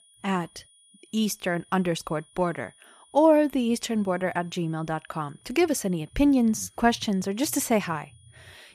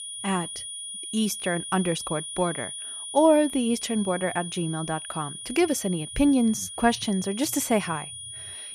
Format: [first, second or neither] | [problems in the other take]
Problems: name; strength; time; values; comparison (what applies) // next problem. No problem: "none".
first | high-pitched whine; loud; throughout; 9.5 kHz, 9 dB below the speech; faint in the first